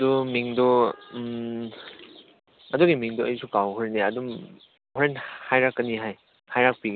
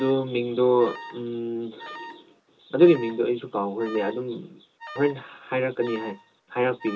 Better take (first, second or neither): first